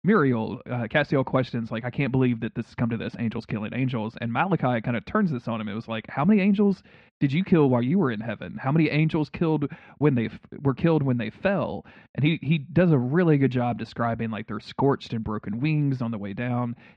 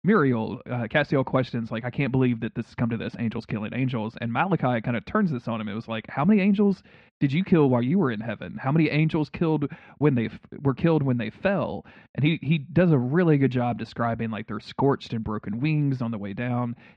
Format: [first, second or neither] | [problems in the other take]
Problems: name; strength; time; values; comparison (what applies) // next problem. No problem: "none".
neither | muffled; very; fading above 2.5 kHz; the same in both